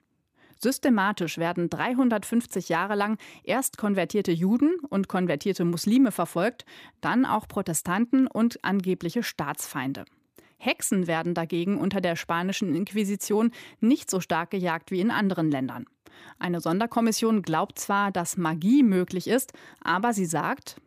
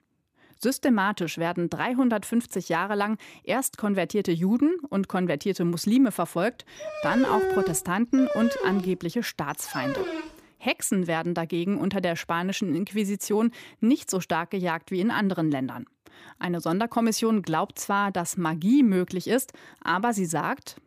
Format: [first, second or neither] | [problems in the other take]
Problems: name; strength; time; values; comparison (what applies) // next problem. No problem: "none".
first | dog barking; loud; from 7 to 10 s; peak 1 dB above the speech